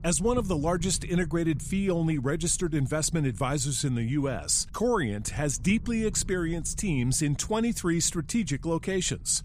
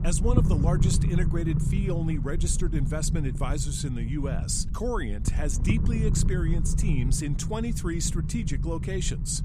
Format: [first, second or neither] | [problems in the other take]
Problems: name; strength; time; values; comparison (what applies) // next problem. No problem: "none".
first | low rumble; loud; throughout; 6 dB below the speech; faint in the first